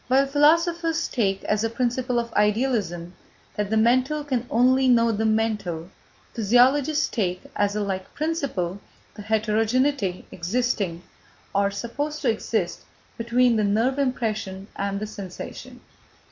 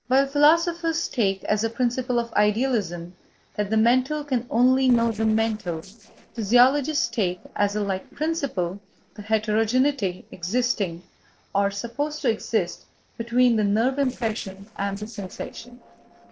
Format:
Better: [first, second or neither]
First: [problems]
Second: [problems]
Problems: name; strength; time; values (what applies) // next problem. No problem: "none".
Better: first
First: none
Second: noise reduction (neural separator model SepFormer DNS4)